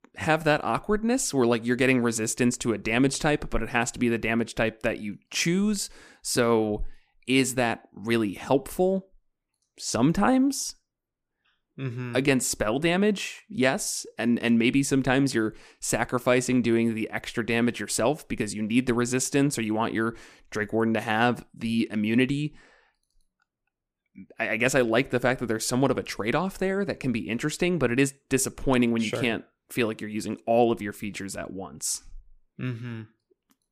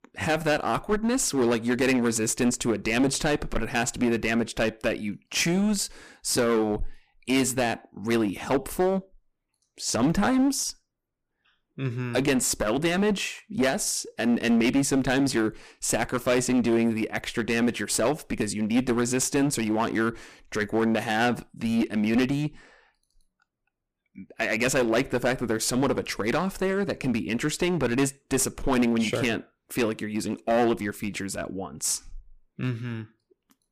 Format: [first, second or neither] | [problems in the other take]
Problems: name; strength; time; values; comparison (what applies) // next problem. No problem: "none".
first | distortion; heavy; 8% of the sound clipped